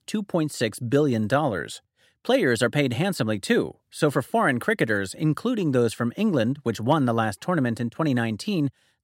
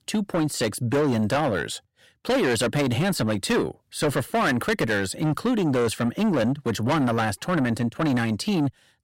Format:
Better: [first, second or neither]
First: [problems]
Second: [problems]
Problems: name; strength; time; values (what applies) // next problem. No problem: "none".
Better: first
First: none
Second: distortion; heavy; 7 dB below the speech